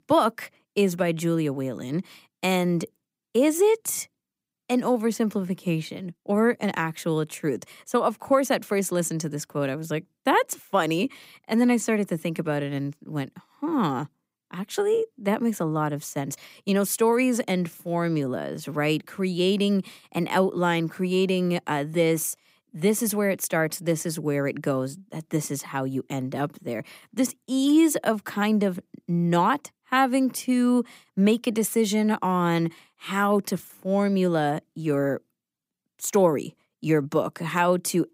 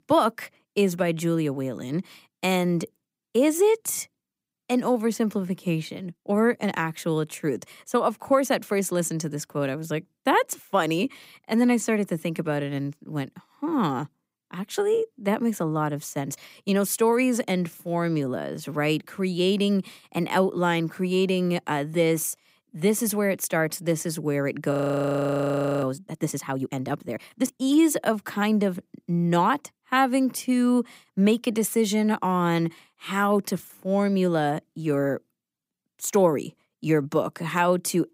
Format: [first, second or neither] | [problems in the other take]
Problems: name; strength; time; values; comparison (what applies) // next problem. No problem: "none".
first | audio freezing; at 25 s for 1 s